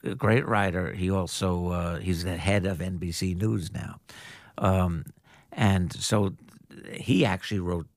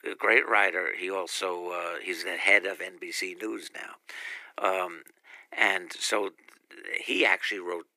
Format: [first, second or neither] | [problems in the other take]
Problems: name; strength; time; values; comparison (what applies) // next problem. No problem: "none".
first | thin; very; fading below 350 Hz